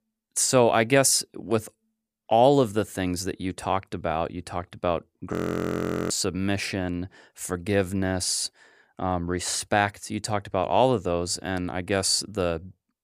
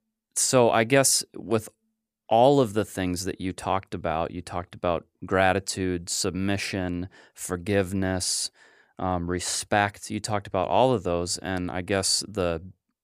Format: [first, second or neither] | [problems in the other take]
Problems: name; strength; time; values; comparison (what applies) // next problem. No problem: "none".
second | audio freezing; at 5.5 s for 1 s